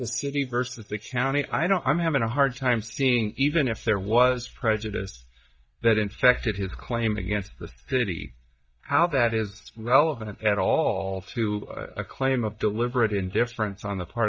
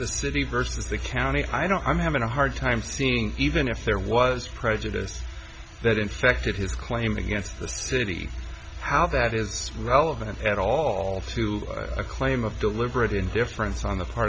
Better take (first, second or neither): second